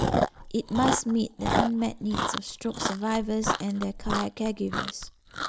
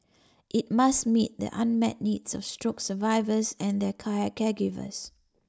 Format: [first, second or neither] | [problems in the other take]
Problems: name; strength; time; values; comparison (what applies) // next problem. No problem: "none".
second | background sound (Chewing, mastication); 1 dB below the speech